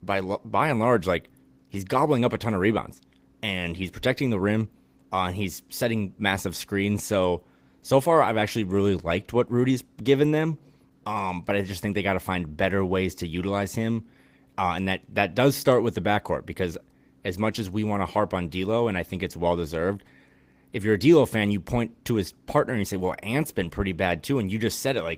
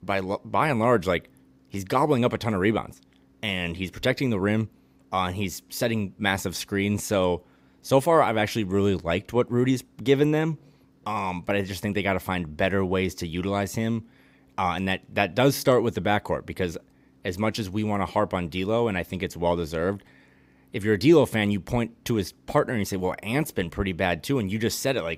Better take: second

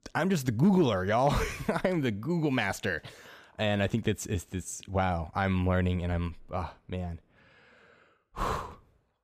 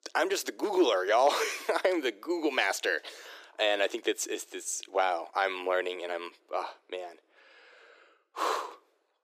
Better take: first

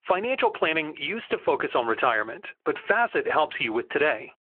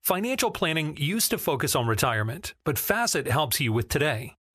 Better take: second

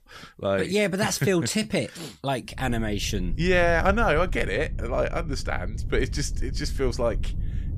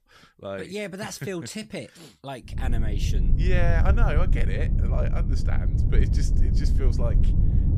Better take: first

